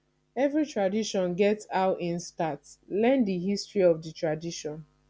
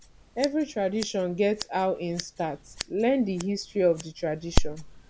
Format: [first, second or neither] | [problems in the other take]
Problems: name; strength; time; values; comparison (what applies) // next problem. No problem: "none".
first | background sound (Scissors); 5 dB below the speech